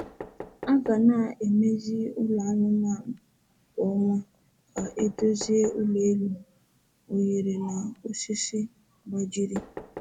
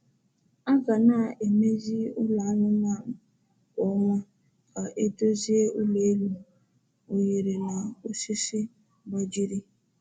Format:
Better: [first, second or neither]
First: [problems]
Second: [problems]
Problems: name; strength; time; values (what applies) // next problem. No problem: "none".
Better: second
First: background sound (Knock); 19 dB below the speech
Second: none